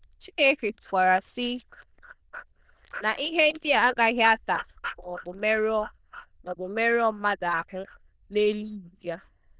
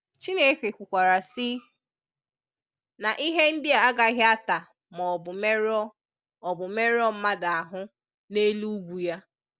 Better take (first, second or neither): second